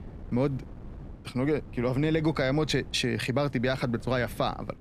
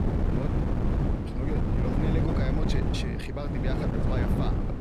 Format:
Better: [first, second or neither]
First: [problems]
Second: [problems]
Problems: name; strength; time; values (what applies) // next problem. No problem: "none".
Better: first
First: wind noise on the microphone; occasional gusts; 25 dB below the speech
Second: wind noise on the microphone; heavy; 3 dB above the speech